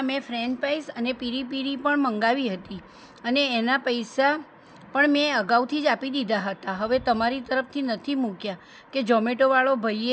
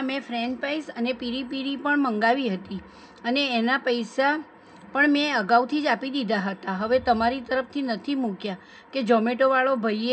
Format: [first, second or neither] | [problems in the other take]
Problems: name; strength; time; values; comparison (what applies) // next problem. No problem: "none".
first | room echo; dies away in 0.3 s